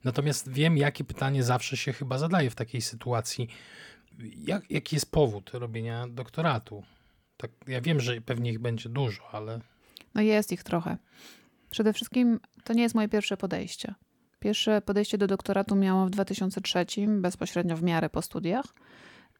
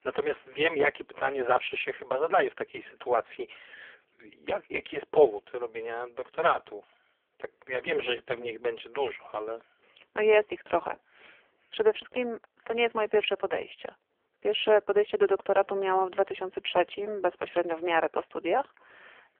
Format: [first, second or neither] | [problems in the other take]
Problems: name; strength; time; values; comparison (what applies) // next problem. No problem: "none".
first | phone-call audio; poor line; nothing above 3.5 kHz